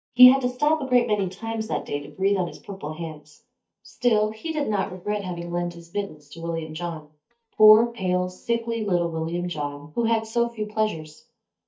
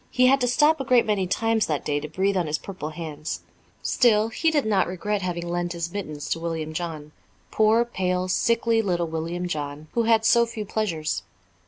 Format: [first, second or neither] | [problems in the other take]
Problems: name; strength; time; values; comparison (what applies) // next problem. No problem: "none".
second | noise reduction (neural mask model DeepFilterNet 3)